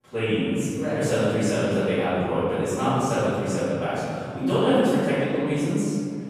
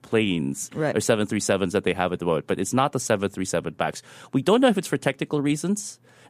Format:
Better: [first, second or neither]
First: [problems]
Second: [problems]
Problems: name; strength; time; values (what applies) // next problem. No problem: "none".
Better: second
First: room echo; strong; dies away in 3 s // off-mic speech; far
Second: none